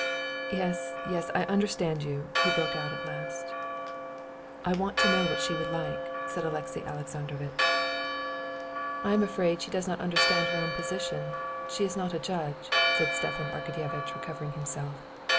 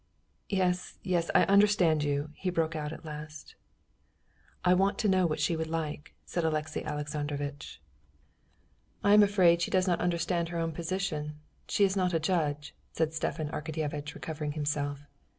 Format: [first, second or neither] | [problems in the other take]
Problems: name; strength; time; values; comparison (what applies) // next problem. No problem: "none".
second | background sound (Church bell); 1 dB above the speech